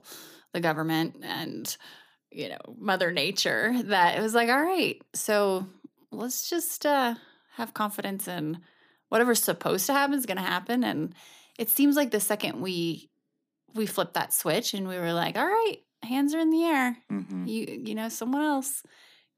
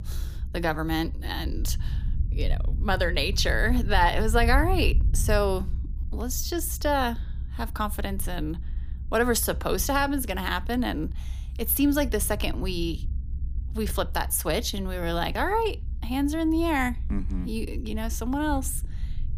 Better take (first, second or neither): first